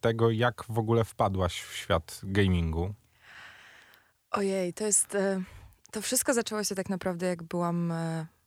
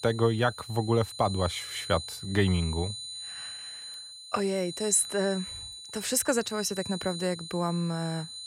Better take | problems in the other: first | high-pitched whine; loud; throughout; 4 kHz, 10 dB below the speech

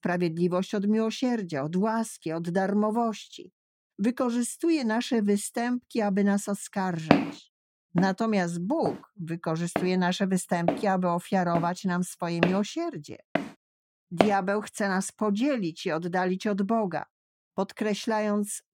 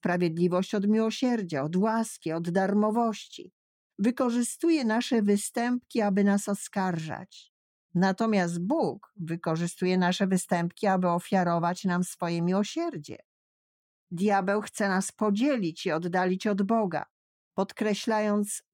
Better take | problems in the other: second | footsteps; loud; from 7 to 14 s; peak 4 dB above the speech

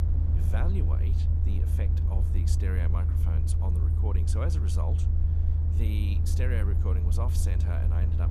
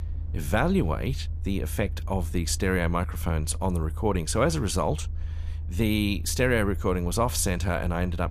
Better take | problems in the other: second | low rumble; loud; throughout; 1 dB below the speech; faint in the second

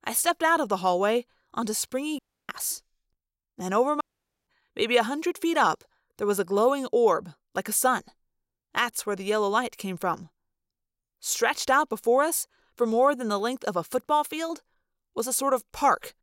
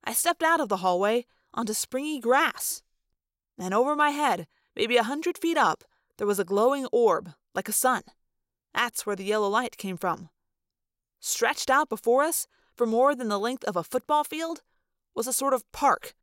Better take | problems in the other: second | audio cutting out; at 2 s and at 4 s

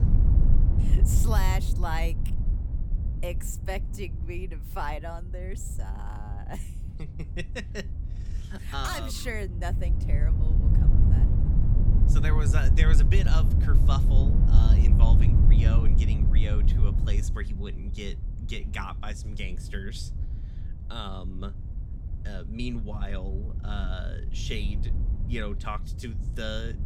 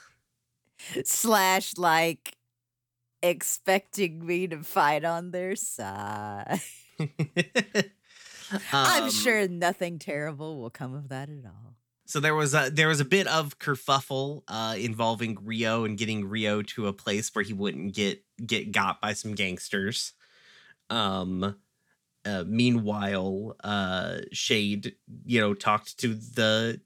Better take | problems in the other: second | wind noise on the microphone; heavy; 5 dB below the speech

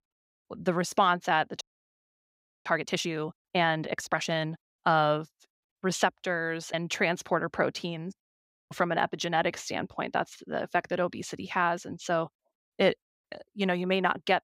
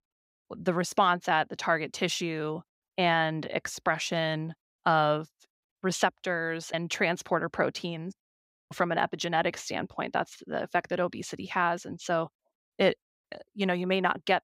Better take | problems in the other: second | audio freezing; at 1.5 s for 1 s

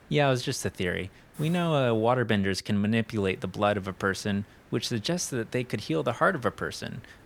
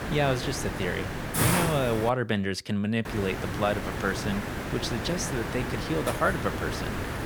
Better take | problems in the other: first | hiss; loud; until 2 s and from 3 s on; 2 dB below the speech; faint in the first

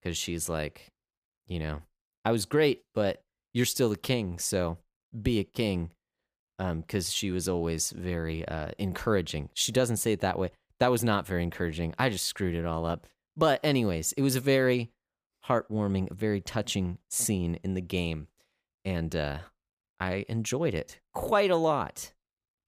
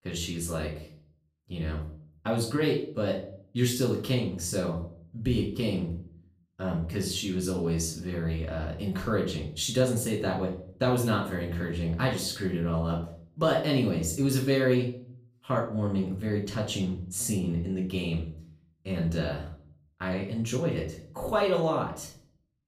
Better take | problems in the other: first | room echo; slight; dies away in 0.4 s // off-mic speech; far

